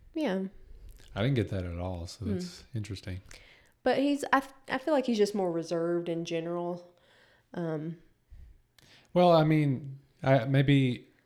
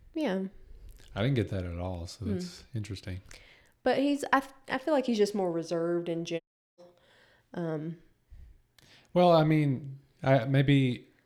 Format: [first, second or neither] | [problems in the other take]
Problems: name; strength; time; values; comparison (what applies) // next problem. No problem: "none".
first | audio cutting out; at 6.5 s